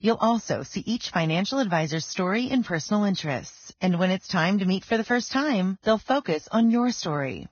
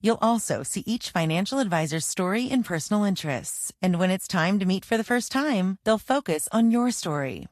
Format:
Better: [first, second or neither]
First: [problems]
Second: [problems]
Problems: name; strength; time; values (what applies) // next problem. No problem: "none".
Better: second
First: garbled, watery; badly; nothing above 6.5 kHz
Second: garbled, watery; slightly; nothing above 12.5 kHz